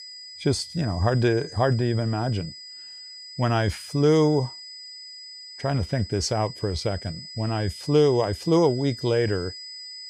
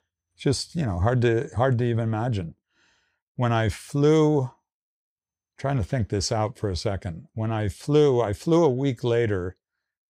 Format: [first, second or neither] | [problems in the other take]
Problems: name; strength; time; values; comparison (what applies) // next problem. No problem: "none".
second | high-pitched whine; noticeable; throughout; 5 kHz, 15 dB below the speech